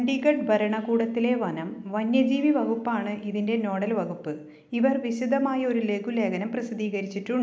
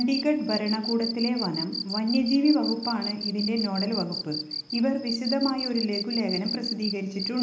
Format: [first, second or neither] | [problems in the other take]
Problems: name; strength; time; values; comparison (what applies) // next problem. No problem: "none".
first | background sound (Cricket); 7 dB below the speech // room echo; dies away in 0.4 s